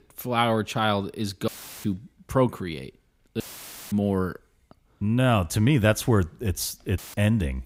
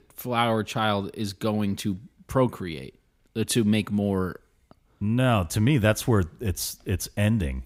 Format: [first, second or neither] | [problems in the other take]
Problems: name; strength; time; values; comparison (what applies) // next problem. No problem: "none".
second | audio cutting out; filled with static; at 1.5 s, at 3.5 s for 0.5 s and at 7 s